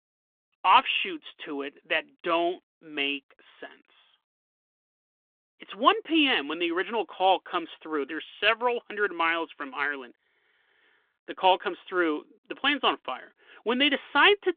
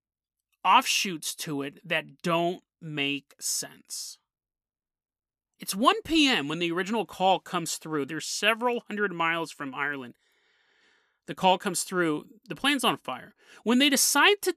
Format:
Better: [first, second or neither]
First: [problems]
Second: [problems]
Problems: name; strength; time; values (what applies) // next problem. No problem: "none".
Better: second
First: phone-call audio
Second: none